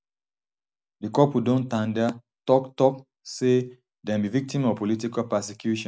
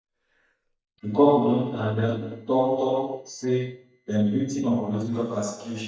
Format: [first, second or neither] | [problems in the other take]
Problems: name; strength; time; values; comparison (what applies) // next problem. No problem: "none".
first | noise reduction (neural mask model DeepFilterNet 3)